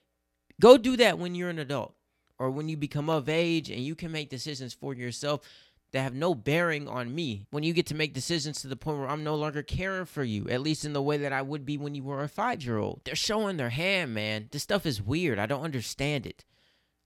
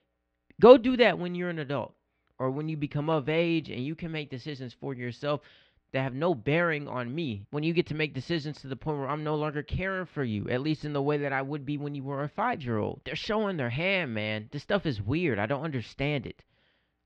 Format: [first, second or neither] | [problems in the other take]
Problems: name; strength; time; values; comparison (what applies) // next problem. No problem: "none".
first | muffled; slightly; fading above 3 kHz